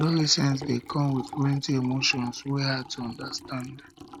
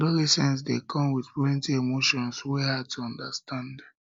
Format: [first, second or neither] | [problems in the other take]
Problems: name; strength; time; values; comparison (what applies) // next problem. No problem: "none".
second | noise reduction (neural mask model RNNoise)